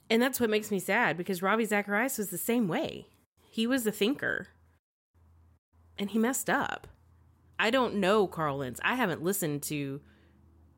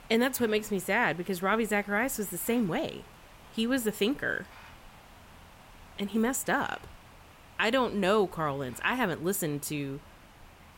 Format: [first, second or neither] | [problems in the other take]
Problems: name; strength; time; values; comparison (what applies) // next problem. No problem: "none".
first | hiss; faint; throughout; 25 dB below the speech